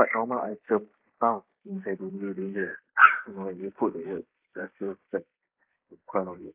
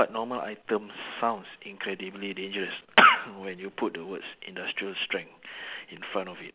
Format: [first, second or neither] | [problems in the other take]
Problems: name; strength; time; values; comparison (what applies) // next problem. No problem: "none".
second | noise reduction (neural mask model Resemble Enhance denoiser)